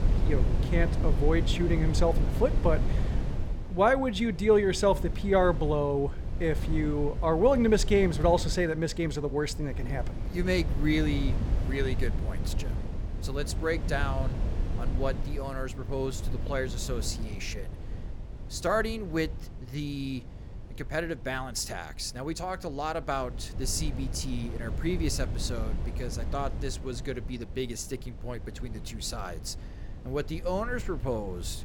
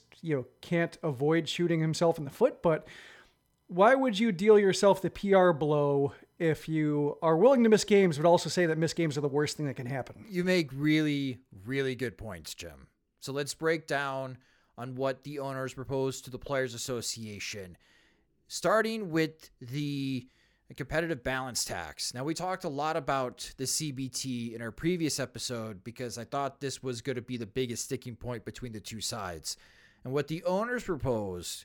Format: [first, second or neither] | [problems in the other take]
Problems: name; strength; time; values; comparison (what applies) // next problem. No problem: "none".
second | wind noise on the microphone; occasional gusts; 15 dB below the speech